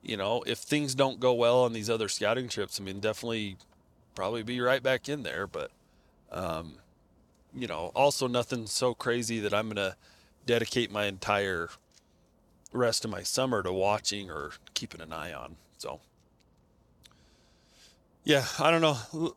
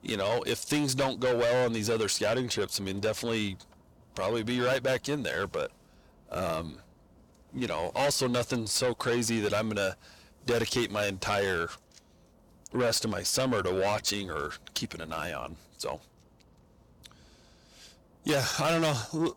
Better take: first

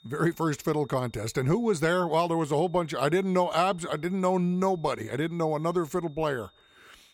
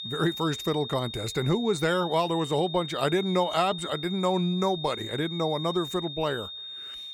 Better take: first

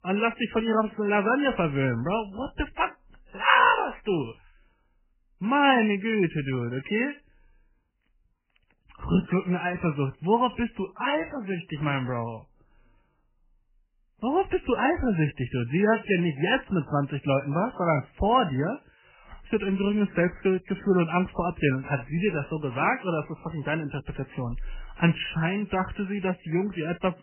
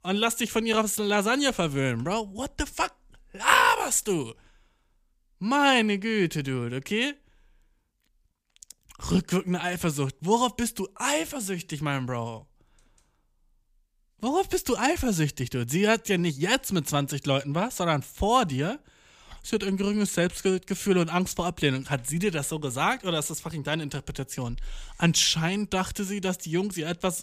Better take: second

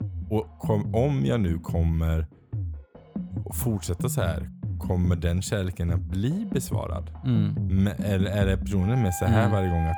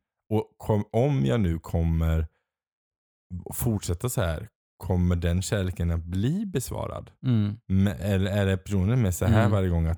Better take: second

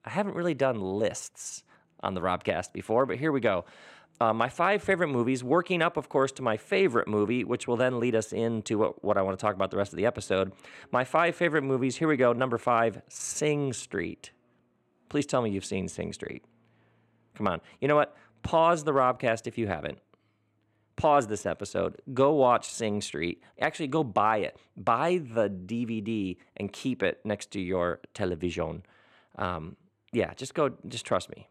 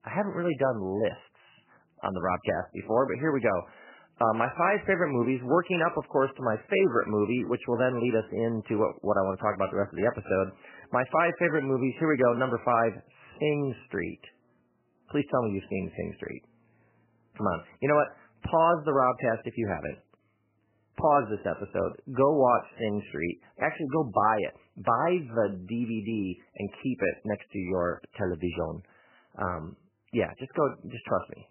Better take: first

